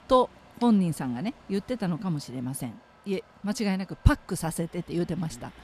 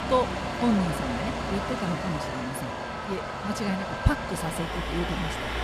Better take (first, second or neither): first